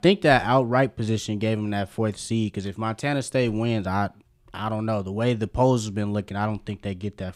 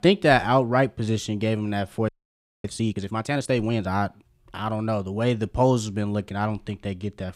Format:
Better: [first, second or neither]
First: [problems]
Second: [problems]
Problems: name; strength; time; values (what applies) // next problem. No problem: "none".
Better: first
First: none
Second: audio freezing; at 2 s for 0.5 s